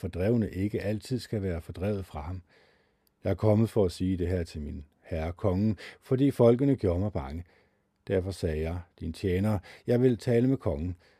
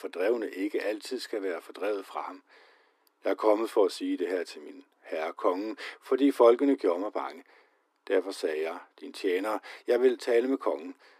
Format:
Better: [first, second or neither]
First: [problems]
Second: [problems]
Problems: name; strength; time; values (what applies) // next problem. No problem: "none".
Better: first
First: none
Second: thin; somewhat; fading below 300 Hz